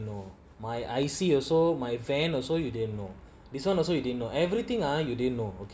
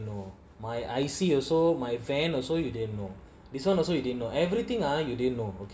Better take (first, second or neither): first